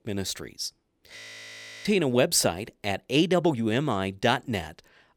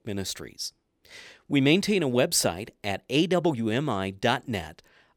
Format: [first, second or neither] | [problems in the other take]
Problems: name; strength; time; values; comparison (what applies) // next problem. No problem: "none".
second | audio freezing; at 1 s for 0.5 s